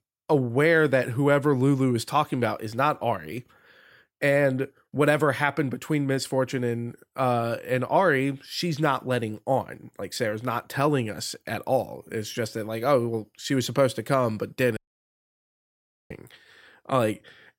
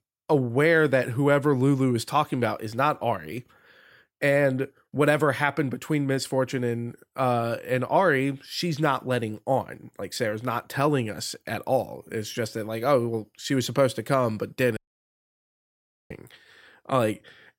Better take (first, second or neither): neither